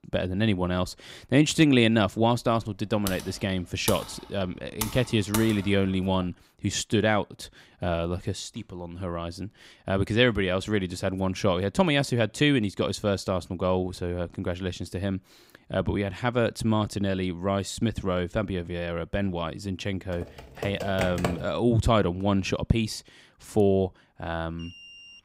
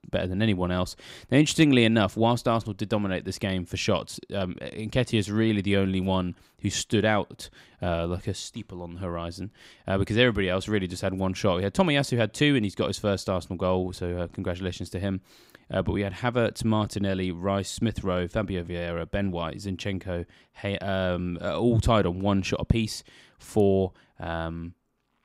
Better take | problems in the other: second | keyboard typing; noticeable; from 3 to 5.5 s and from 20 to 21 s; peak 4 dB below the speech // alarm; faint; at 25 s; peak 15 dB below the speech

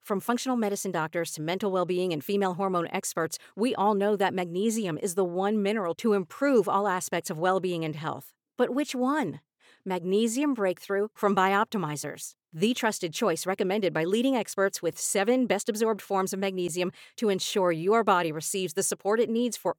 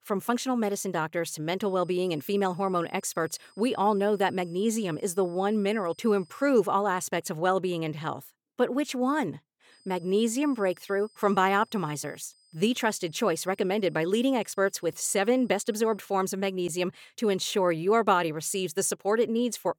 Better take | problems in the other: first | high-pitched whine; faint; from 1.5 to 6.5 s and from 9.5 to 16 s; 5 kHz, 30 dB below the speech

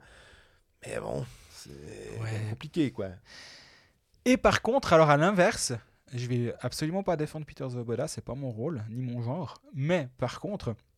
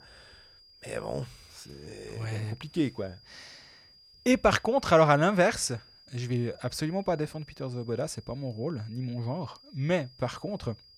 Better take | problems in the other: first | high-pitched whine; faint; throughout; 5 kHz, 25 dB below the speech

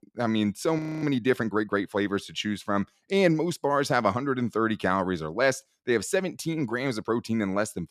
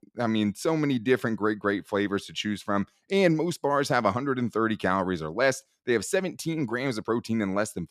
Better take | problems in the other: second | audio freezing; at 1 s

